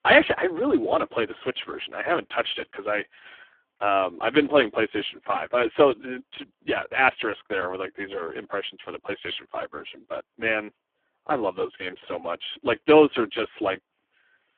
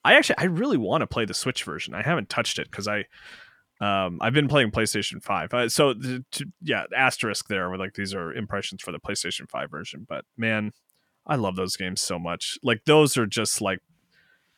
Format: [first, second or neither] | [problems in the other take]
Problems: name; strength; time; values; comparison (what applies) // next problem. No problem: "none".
second | phone-call audio; poor line